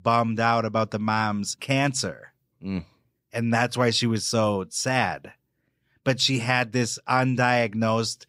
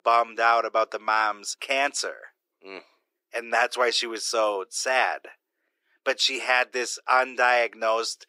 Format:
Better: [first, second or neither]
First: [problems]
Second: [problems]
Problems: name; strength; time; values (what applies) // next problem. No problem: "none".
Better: first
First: none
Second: thin; very; fading below 350 Hz